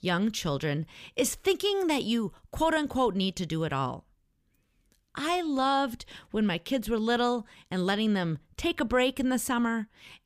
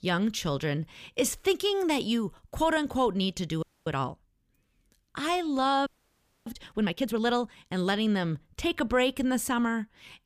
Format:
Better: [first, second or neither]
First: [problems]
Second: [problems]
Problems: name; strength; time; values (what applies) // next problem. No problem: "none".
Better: first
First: none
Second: audio freezing; at 3.5 s and at 6 s for 0.5 s